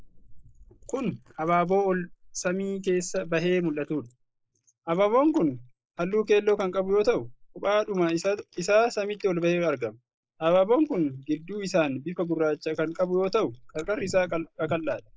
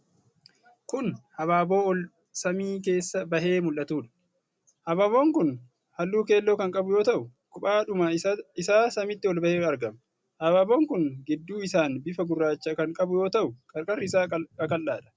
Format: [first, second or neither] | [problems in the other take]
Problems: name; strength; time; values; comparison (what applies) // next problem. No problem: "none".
second | noise reduction (neural mask model Resemble Enhance denoiser)